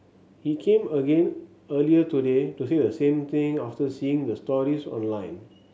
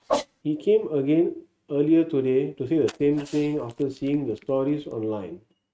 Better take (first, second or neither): first